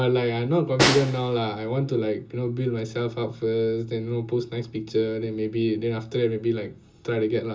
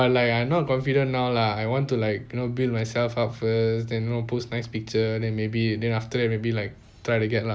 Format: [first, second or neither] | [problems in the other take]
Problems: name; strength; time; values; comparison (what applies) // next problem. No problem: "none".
second | background sound (Snare drum); 4 dB below the speech // room echo; dies away in 0.2 s